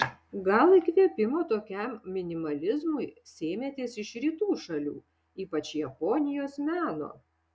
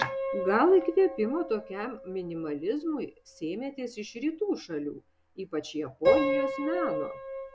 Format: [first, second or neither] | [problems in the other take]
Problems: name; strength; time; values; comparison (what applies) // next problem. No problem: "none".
first | background sound (Piano); 4 dB below the speech